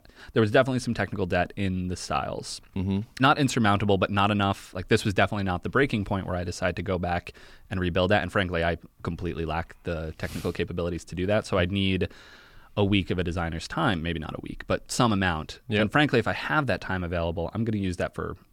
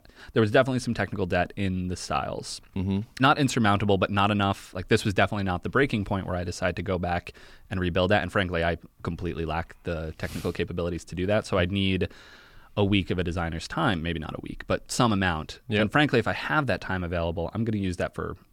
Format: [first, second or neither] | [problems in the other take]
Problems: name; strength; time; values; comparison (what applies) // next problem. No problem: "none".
neither | none